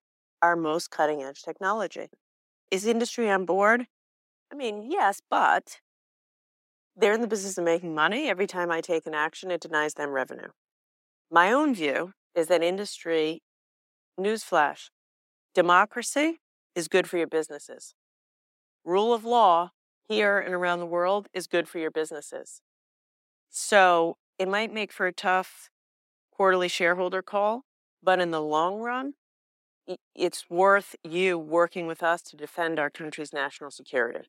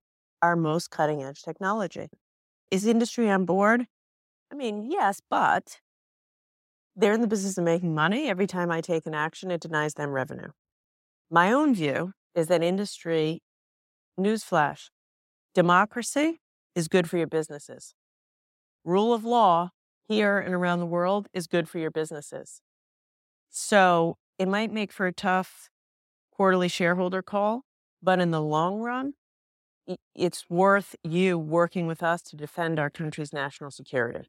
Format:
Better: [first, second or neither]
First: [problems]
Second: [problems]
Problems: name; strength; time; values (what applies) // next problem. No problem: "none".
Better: second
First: thin; somewhat; fading below 300 Hz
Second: none